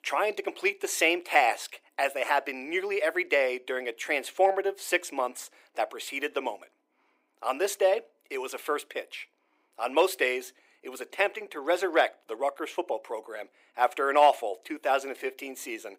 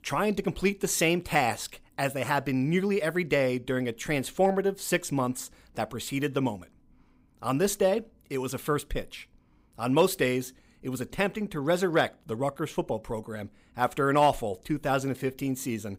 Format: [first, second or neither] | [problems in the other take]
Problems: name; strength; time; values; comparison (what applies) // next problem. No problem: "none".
second | thin; very; fading below 350 Hz